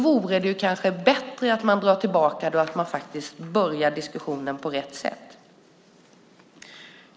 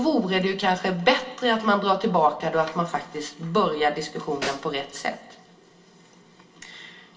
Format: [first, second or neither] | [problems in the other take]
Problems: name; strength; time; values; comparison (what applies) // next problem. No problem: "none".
first | background sound (Snare drum); 12 dB below the speech // room echo; dies away in 0.2 s